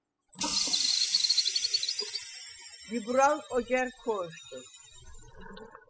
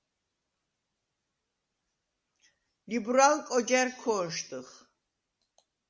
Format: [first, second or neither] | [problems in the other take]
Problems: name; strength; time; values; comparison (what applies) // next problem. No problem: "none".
second | noise reduction (classical method spectral subtraction)